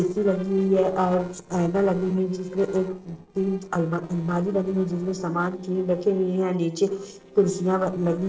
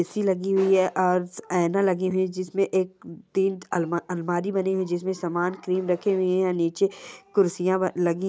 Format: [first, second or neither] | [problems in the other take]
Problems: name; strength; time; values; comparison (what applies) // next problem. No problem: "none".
second | noise reduction (neural separator model SepFormer DNS4)